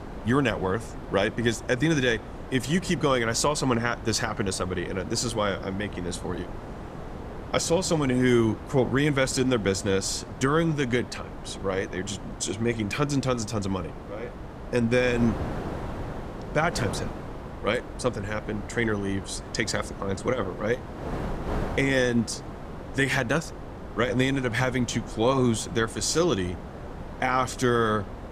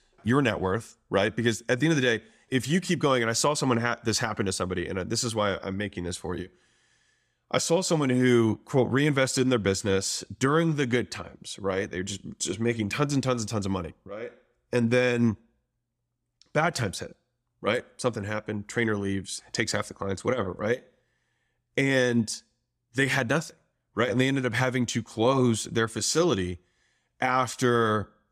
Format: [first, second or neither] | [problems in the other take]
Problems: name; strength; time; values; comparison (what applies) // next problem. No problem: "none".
second | wind noise on the microphone; occasional gusts; 15 dB below the speech